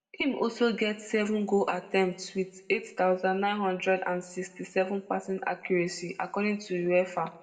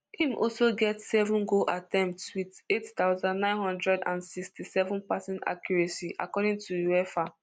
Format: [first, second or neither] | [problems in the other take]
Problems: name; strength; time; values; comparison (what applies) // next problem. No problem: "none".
second | room echo; dies away in 0.9 s